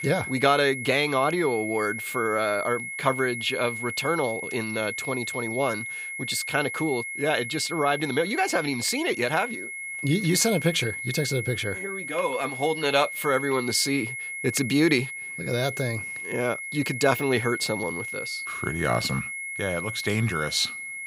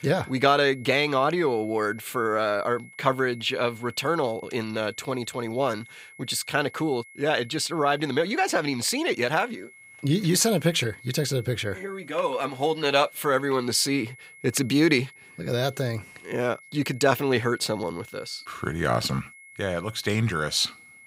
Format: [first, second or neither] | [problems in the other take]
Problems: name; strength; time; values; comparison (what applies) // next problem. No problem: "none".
second | high-pitched whine; loud; throughout; 2 kHz, 6 dB below the speech; faint in the second